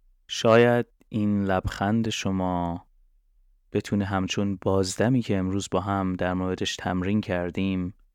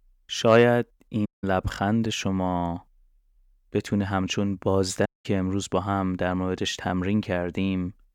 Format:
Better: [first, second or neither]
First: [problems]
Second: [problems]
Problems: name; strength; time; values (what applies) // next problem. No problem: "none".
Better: first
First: none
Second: audio cutting out; at 1.5 s and at 5 s